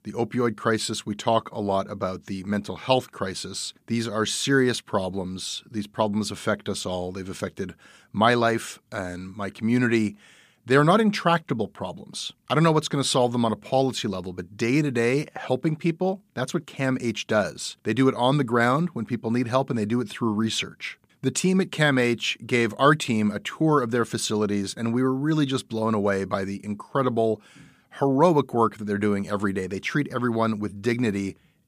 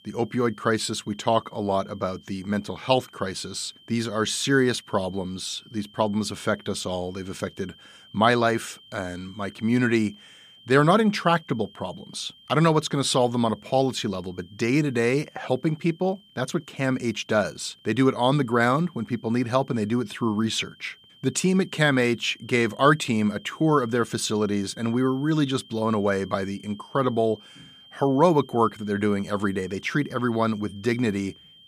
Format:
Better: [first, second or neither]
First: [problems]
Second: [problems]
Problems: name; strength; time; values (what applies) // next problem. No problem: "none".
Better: first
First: none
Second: high-pitched whine; faint; throughout; 3 kHz, 25 dB below the speech